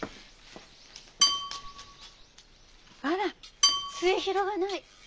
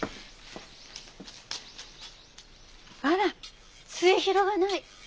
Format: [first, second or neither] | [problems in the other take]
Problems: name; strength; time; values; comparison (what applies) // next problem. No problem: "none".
second | background sound (Dishes, pots, and pans / Glass / Bell); 3 dB above the speech